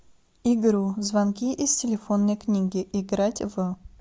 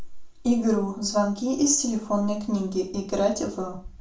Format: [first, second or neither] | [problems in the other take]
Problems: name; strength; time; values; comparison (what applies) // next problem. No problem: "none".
first | room echo; dies away in 0.3 s